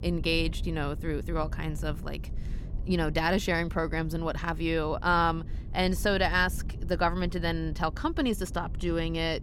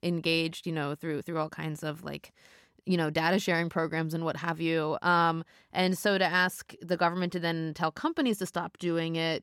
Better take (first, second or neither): second